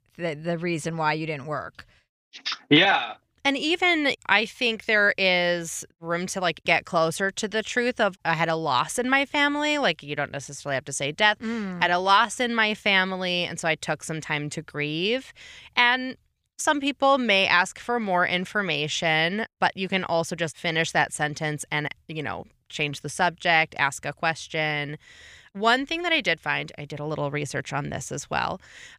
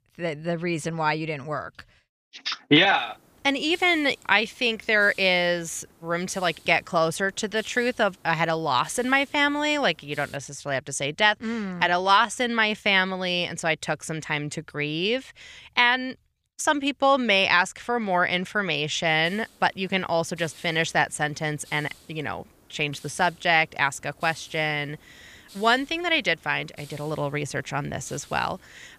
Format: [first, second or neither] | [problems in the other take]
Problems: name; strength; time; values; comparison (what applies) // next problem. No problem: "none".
first | hiss; faint; from 3 to 10 s and from 19 s on; 25 dB below the speech